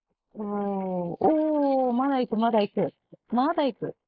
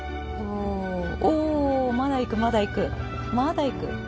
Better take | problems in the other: second | noise reduction (neural mask model Resemble Enhance denoiser)

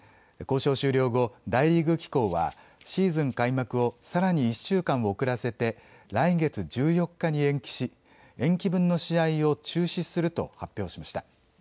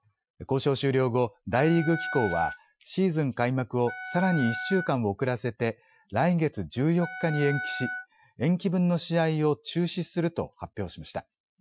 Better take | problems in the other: first | noise reduction (classical method Wiener filter)

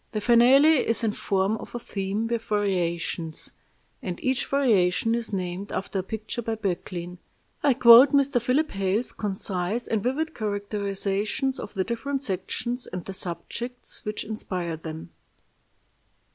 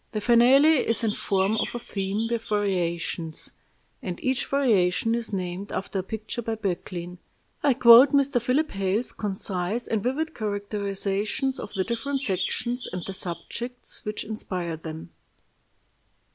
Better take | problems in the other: first | background sound (Chirp, tweet); 13 dB below the speech

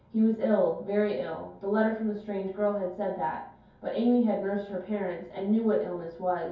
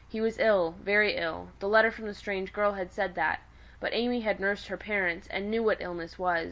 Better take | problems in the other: second | room echo; dies away in 0.6 s

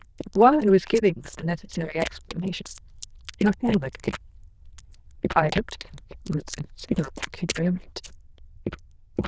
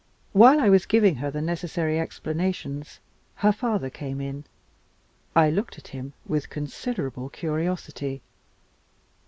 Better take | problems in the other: second | noise reduction (neural diffusion model UNIVERSE++)

